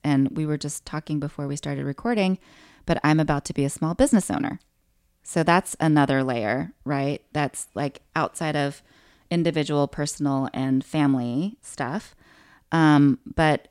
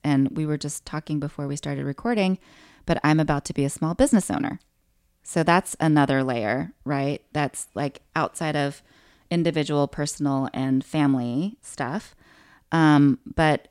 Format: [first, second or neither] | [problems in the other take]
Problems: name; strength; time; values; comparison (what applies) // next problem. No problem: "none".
neither | none